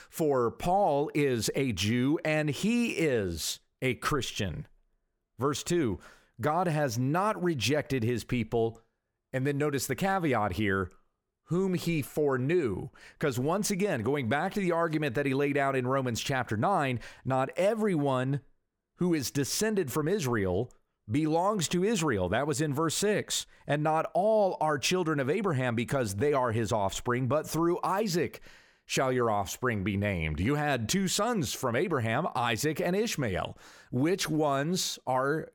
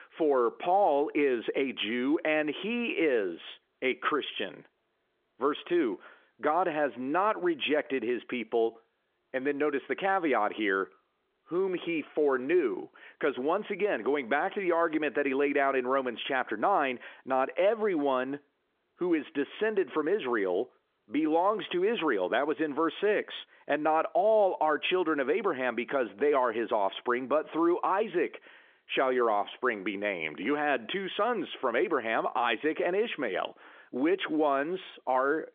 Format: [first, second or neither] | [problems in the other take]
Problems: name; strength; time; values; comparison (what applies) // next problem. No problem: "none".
first | phone-call audio; nothing above 3.5 kHz